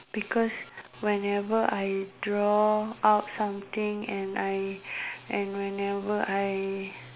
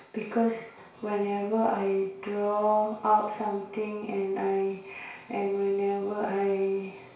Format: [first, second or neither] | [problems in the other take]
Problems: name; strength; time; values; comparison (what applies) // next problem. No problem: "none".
first | room echo; dies away in 0.6 s